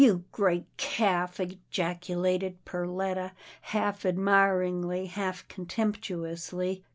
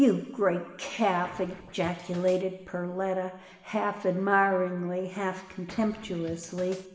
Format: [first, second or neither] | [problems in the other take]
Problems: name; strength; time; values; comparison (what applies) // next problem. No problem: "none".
first | background sound (Scratching (performance technique)); 18 dB below the speech // room echo; dies away in 1.7 s